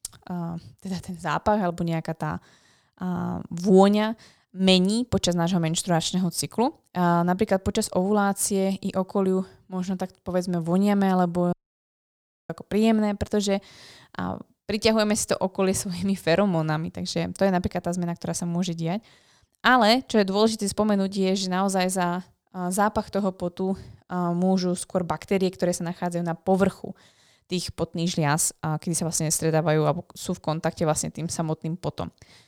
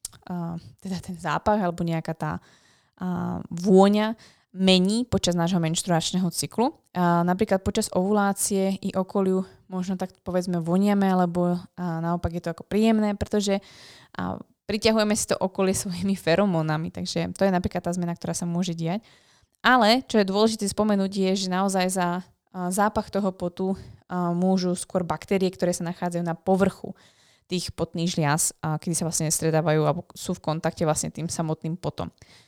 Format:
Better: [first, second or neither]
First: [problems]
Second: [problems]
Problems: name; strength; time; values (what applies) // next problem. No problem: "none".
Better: second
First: audio cutting out; at 12 s for 1 s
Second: none